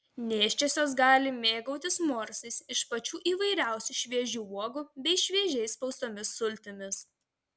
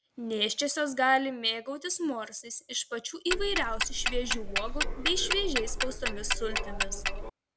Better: first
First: none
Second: background sound (Tick-tock); 1 dB above the speech

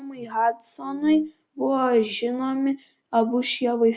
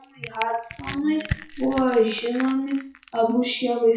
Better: first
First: none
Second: noise reduction (classical method WPE with log-MMSE)

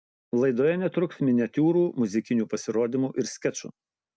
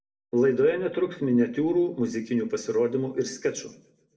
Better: first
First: none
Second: room echo; dies away in 0.5 s

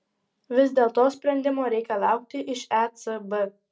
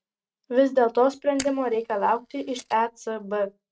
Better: first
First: none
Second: noise reduction (neural mask model RNNoise)

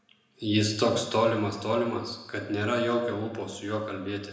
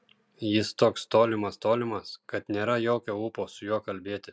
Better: second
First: room echo; dies away in 0.8 s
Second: none

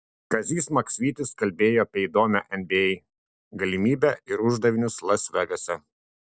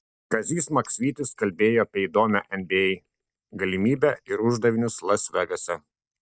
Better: first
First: none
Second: noise reduction (neural mask model DeepFilterNet 3)

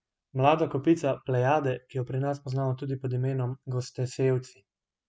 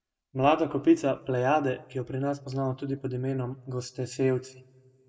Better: first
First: none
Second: room echo; dies away in 0.3 s

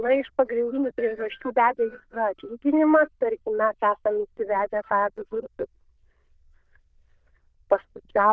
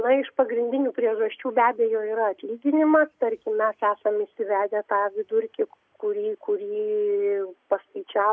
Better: second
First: noise reduction (neural diffusion model UNIVERSE++)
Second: none

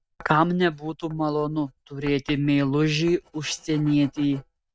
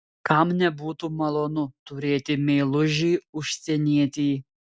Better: second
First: noise reduction (neural mask model RNNoise)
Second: none

